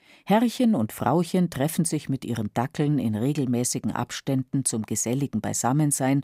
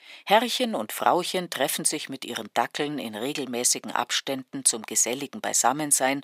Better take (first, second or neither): first